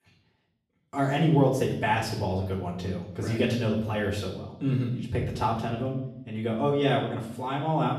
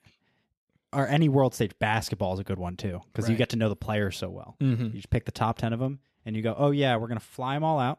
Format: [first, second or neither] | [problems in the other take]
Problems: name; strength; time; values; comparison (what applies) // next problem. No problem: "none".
second | off-mic speech; far // room echo; noticeable; dies away in 0.7 s